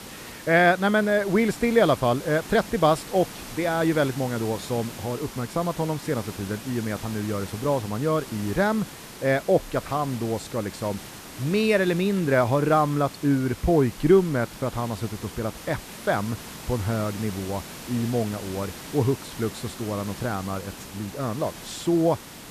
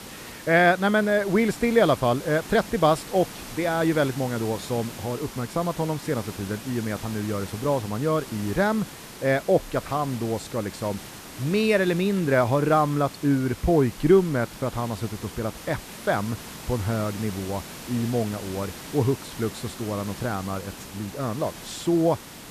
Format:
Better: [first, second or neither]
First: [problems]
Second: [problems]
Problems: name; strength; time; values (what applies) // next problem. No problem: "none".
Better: neither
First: hiss; noticeable; throughout; 15 dB below the speech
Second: hiss; noticeable; throughout; 15 dB below the speech